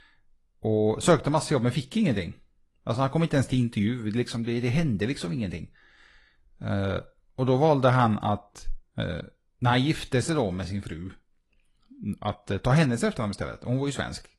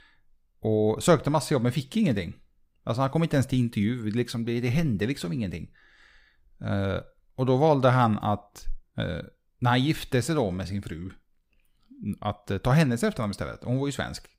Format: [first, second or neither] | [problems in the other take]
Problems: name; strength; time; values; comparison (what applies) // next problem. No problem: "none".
second | garbled, watery; slightly